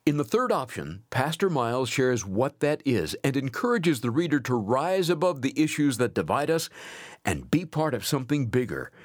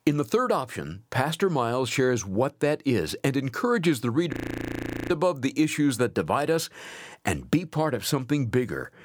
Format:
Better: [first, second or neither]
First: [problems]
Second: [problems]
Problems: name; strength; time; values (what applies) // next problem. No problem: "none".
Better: first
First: none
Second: audio freezing; at 4.5 s for 1 s